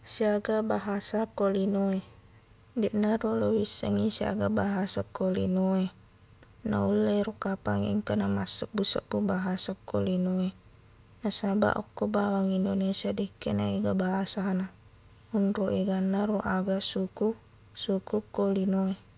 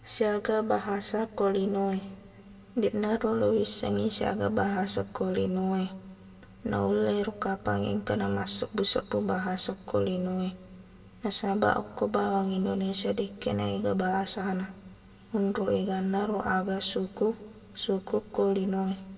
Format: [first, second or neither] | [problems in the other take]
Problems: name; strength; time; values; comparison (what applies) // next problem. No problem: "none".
first | room echo; dies away in 1.3 s